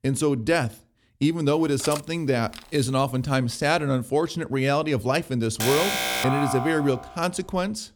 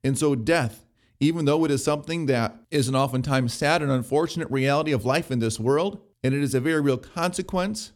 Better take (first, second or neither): second